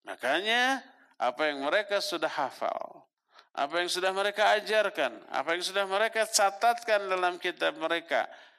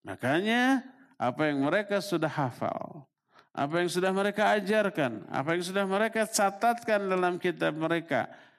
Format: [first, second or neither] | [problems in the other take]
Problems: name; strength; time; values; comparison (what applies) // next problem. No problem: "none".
second | thin; somewhat; fading below 550 Hz